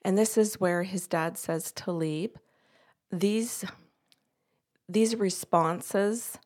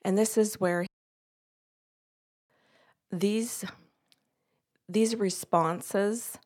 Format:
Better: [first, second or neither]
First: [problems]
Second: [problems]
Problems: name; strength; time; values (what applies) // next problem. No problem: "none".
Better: first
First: none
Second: audio cutting out; at 1 s for 1.5 s